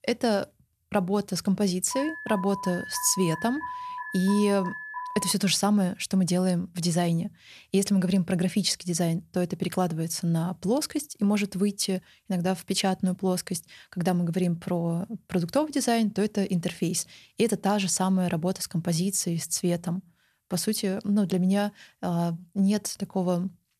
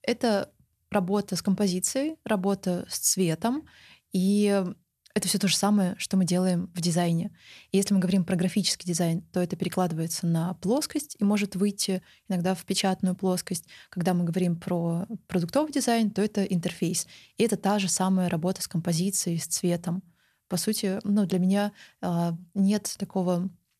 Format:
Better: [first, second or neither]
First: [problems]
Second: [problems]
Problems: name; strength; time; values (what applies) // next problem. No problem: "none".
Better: second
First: alarm; noticeable; from 2 to 5.5 s; peak 8 dB below the speech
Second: none